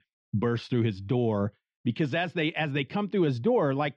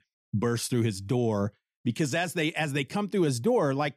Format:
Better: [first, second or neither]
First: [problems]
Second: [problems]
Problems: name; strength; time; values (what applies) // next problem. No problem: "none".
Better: second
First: muffled; slightly; fading above 3.5 kHz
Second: none